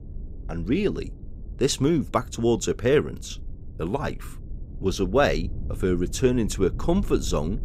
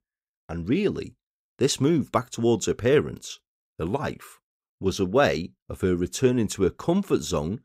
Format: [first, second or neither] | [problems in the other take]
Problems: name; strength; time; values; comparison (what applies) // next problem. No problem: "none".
second | low rumble; faint; throughout; 25 dB below the speech